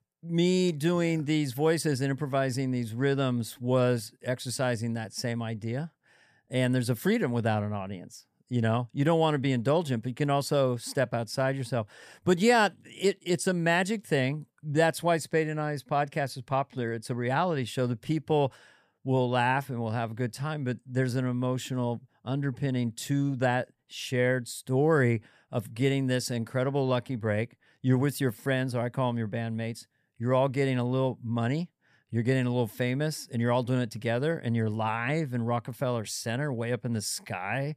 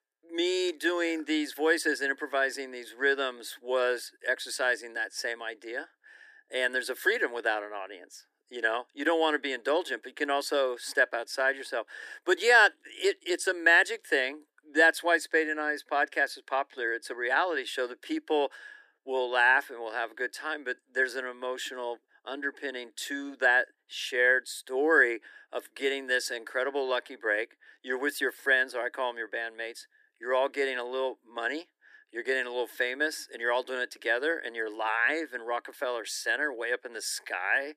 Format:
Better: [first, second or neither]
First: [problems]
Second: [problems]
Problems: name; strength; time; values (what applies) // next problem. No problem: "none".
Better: first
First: none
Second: thin; very; fading below 300 Hz